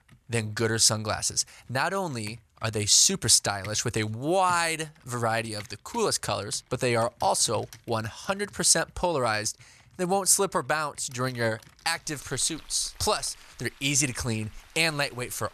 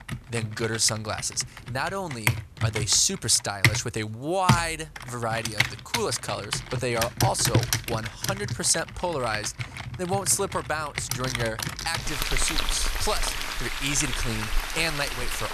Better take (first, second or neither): first